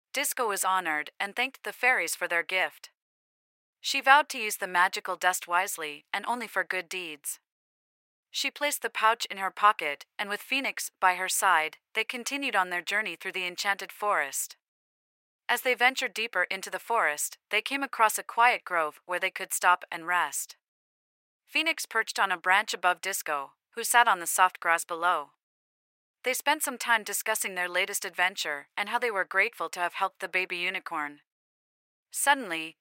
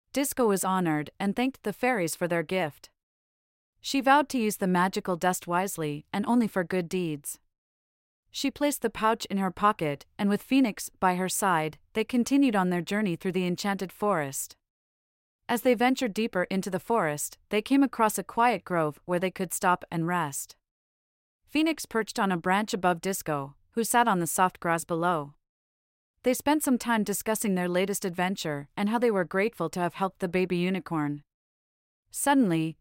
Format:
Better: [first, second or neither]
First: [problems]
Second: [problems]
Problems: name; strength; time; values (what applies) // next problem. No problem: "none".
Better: second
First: thin; very; fading below 750 Hz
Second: none